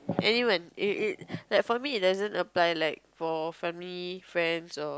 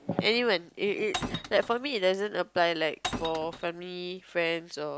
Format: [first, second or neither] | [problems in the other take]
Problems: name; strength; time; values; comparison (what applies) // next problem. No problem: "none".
first | background sound (Glass); 9 dB below the speech